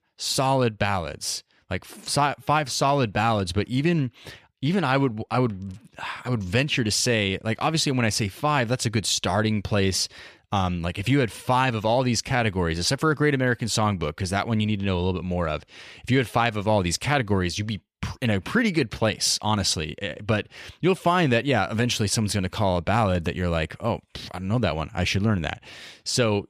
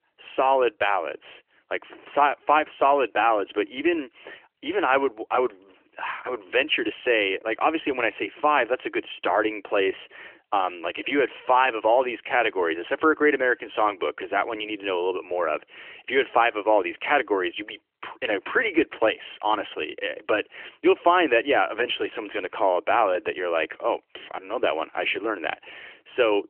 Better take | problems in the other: first | phone-call audio; nothing above 3 kHz

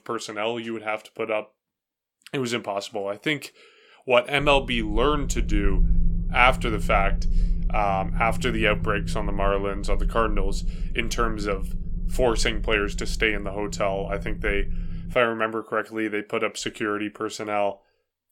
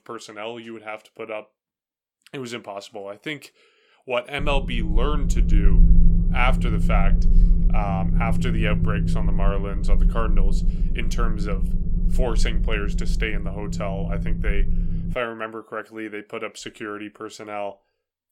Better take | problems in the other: first | low rumble; loud; from 4.5 to 15 s; 8 dB below the speech; faint in the first

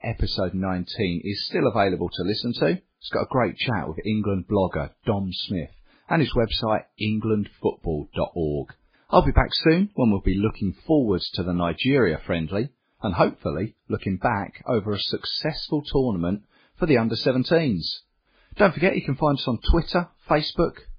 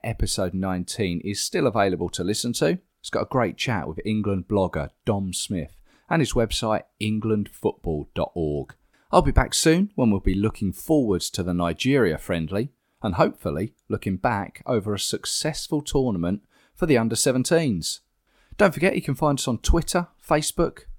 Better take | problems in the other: second | garbled, watery; badly; nothing above 4.5 kHz

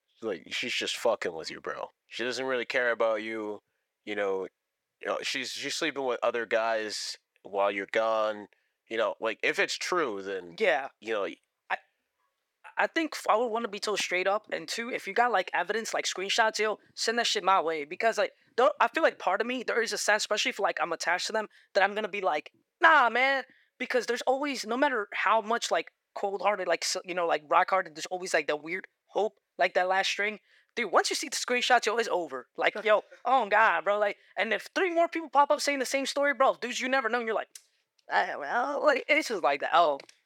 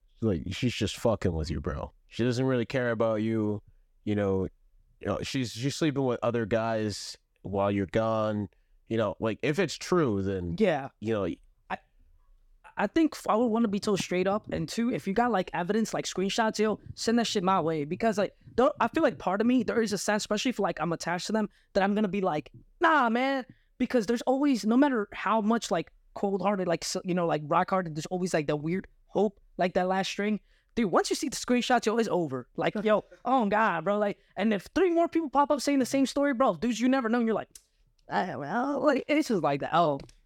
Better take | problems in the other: second | thin; very; fading below 550 Hz

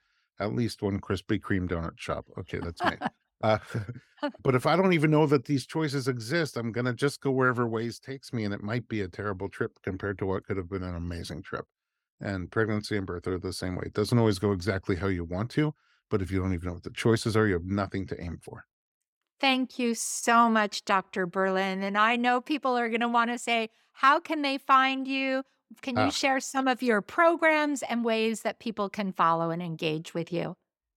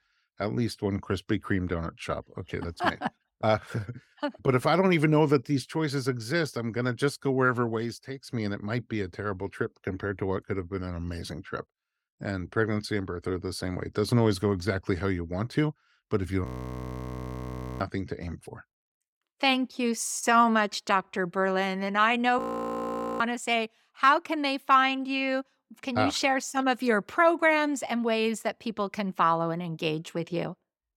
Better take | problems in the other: first | audio freezing; at 16 s for 1.5 s and at 22 s for 1 s

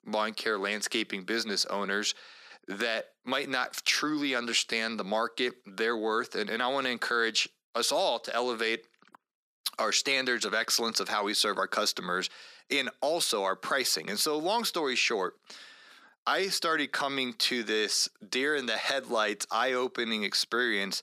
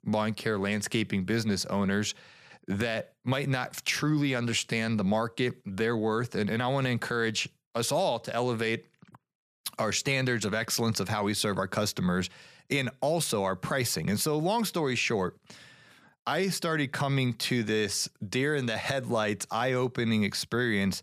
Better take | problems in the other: second | thin; somewhat; fading below 250 Hz

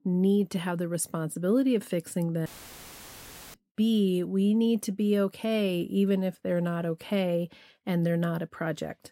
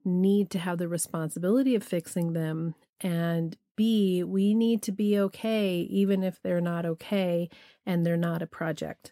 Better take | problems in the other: second | audio cutting out; filled with static; at 2.5 s for 1 s

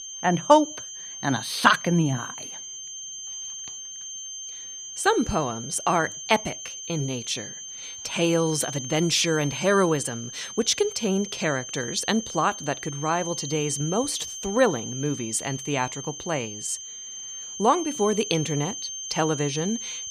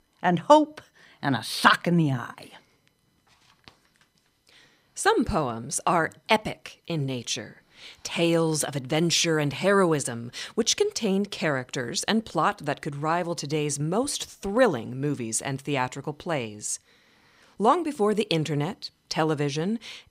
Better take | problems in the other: second | high-pitched whine; loud; throughout; 6.5 kHz, 9 dB below the speech

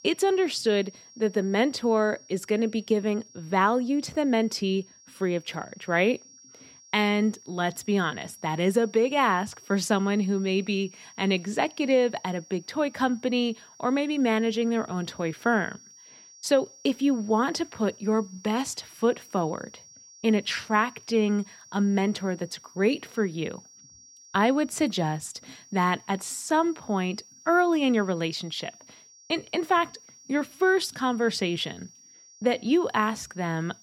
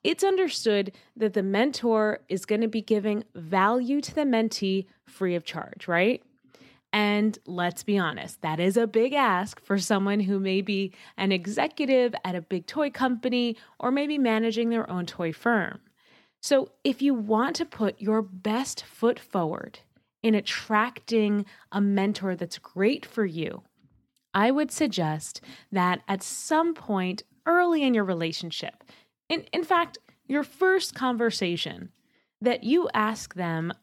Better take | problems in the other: second | high-pitched whine; faint; throughout; 5.5 kHz, 25 dB below the speech

